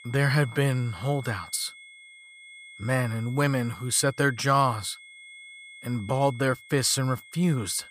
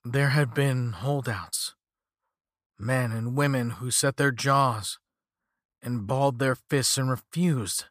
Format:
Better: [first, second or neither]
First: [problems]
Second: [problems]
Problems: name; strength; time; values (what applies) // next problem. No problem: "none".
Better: second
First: high-pitched whine; noticeable; throughout; 2 kHz, 20 dB below the speech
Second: none